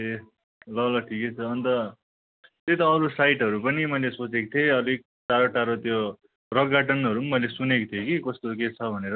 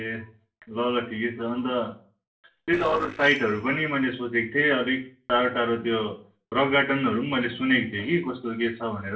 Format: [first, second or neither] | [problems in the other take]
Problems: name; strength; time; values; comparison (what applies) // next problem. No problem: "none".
first | noise reduction (neural separator model SepFormer DNS4)